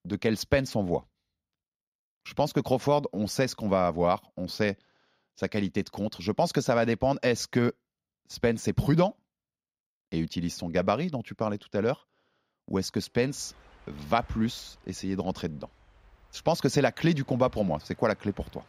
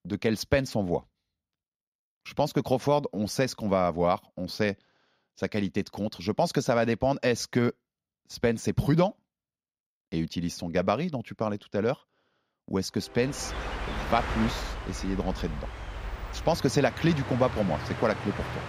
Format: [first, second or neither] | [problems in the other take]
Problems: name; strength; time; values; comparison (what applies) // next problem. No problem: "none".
first | train or aircraft noise; loud; from 13 s on; 8 dB below the speech; faint in the first